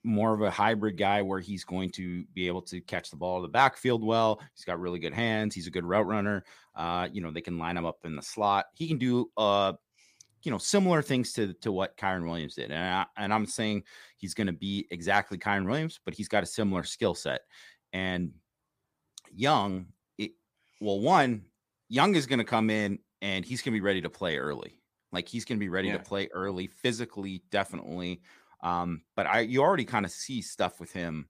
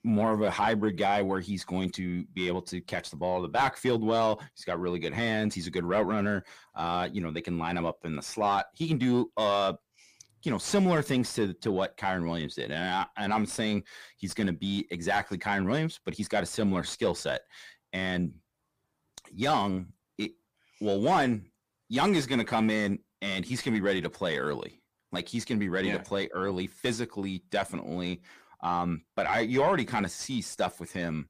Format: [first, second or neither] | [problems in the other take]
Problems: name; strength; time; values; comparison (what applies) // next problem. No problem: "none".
first | distortion; slight; 10 dB below the speech